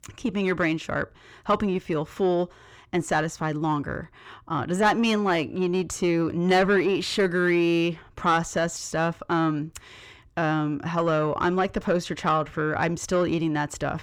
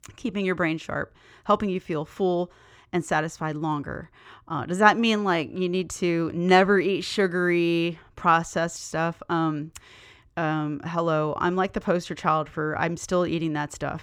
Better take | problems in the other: second | distortion; slight; 10 dB below the speech

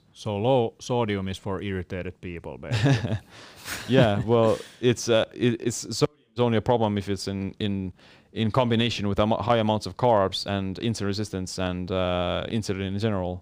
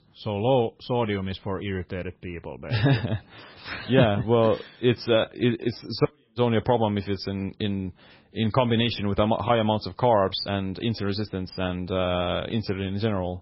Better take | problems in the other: first | garbled, watery; badly; nothing above 5.5 kHz

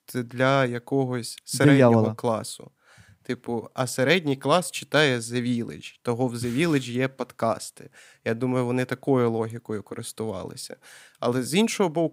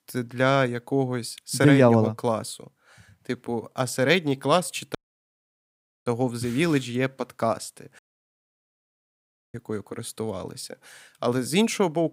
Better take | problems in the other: first | audio cutting out; at 5 s for 1 s and at 8 s for 1.5 s

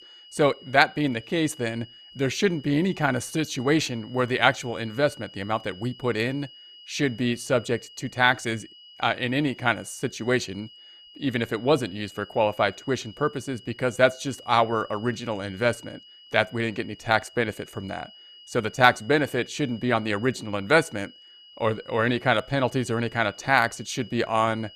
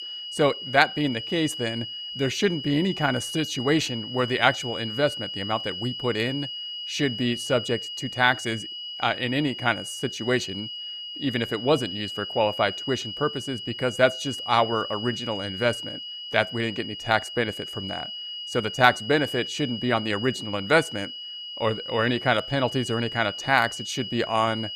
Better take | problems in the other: first | high-pitched whine; loud; throughout; 3 kHz, 7 dB below the speech; faint in the first

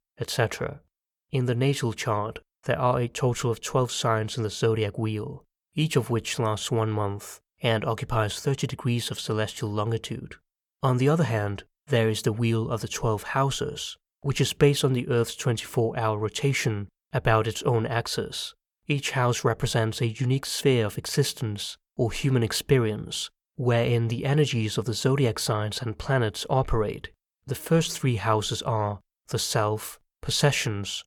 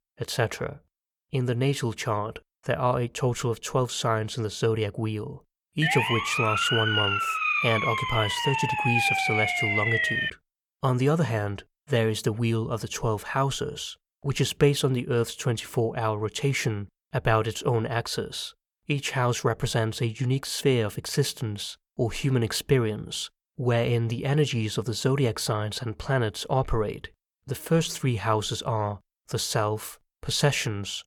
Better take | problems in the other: first | siren; loud; from 6 to 10 s; peak 5 dB above the speech

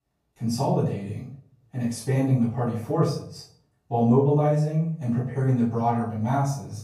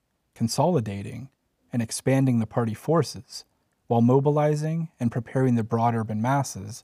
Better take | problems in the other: second | off-mic speech; far // room echo; noticeable; dies away in 0.5 s

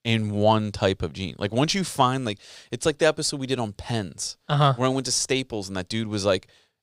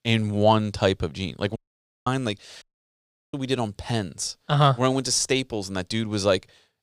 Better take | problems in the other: first | audio cutting out; at 1.5 s for 0.5 s and at 2.5 s for 0.5 s

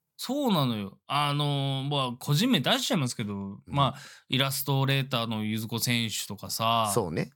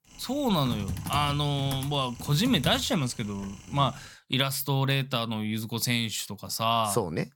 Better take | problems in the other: first | keyboard typing; noticeable; until 3.5 s; peak 6 dB below the speech

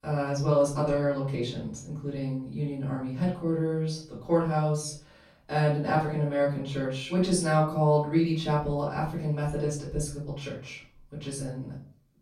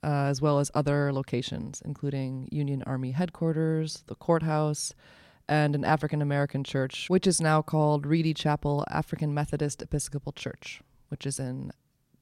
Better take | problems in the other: second | off-mic speech; far // room echo; noticeable; dies away in 0.4 s

